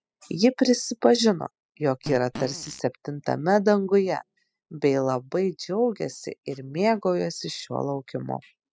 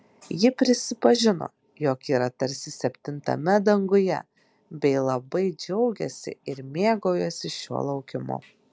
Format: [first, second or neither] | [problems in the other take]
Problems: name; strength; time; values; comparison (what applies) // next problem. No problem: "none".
second | noise reduction (classical method spectral subtraction)